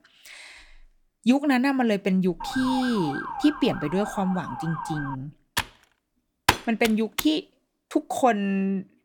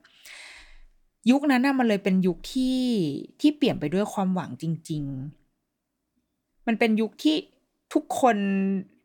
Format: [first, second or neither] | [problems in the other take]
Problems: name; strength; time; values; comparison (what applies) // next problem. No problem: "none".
second | siren; noticeable; from 2.5 to 5 s; peak 6 dB below the speech // keyboard typing; loud; from 5.5 to 7 s; peak 1 dB above the speech